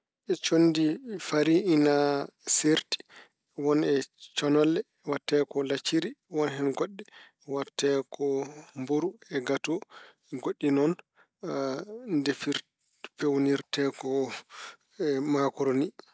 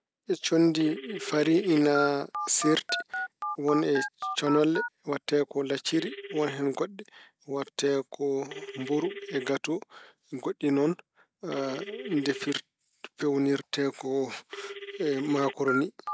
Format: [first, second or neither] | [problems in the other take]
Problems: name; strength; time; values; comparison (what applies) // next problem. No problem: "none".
first | background sound (Telephone); 11 dB below the speech